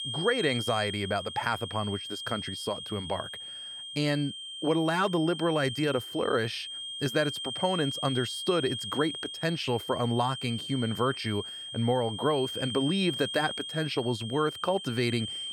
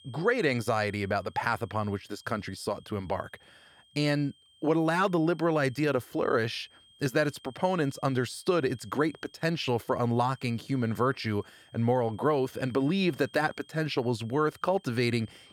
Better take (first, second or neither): second